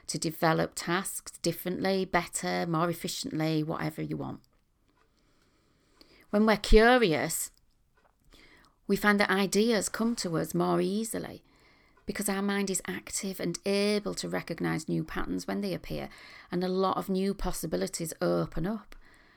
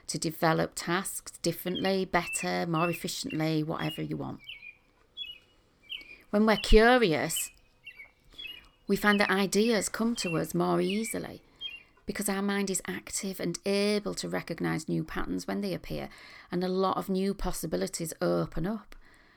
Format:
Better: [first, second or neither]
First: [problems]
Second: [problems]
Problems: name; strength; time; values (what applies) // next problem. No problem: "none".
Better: first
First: none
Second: animal sounds; noticeable; until 12 s; 10 dB below the speech